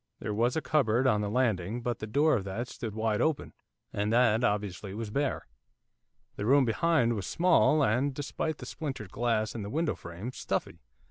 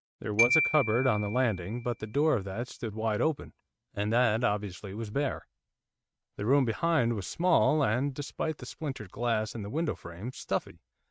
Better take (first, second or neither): first